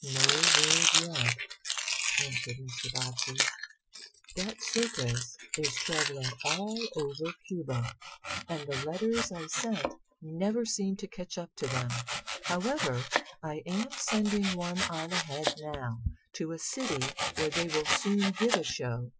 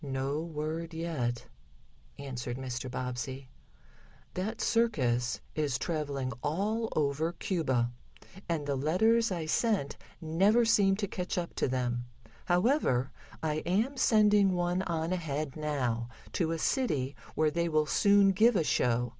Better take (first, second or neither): second